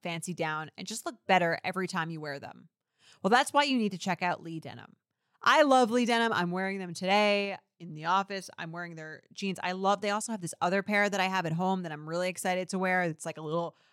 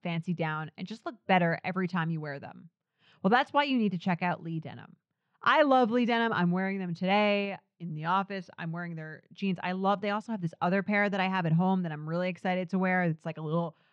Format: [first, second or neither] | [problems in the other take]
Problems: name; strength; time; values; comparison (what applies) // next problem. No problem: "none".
first | muffled; slightly; fading above 3.5 kHz